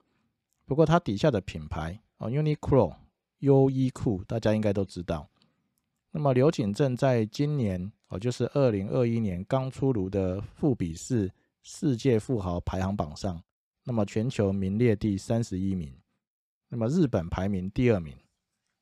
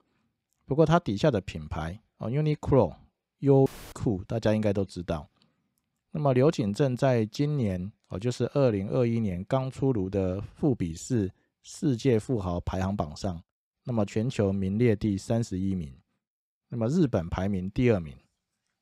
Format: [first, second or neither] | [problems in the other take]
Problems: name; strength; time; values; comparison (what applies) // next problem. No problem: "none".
first | audio cutting out; filled with static; at 3.5 s